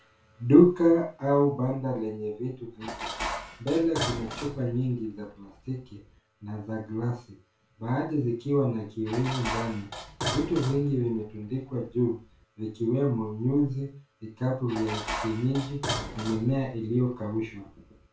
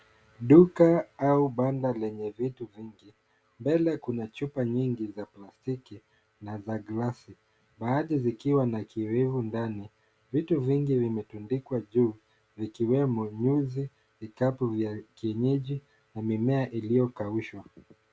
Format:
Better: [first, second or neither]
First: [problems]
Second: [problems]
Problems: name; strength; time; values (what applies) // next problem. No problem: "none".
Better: second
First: background sound (Dishes, pots, and pans); 9 dB below the speech // room echo; dies away in 0.3 s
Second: none